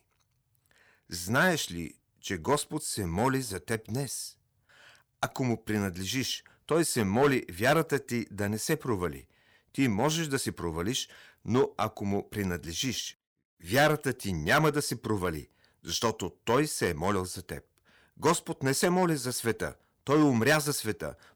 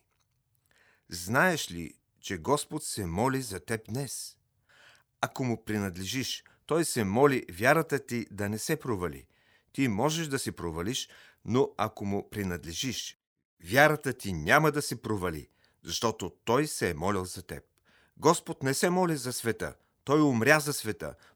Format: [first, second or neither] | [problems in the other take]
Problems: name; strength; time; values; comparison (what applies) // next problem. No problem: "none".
second | distortion; slight; 1.7% of the sound clipped